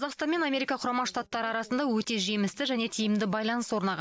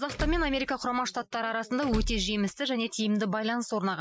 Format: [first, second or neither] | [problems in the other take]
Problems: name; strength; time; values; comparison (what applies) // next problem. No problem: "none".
first | noise reduction (classical method Wiener filter)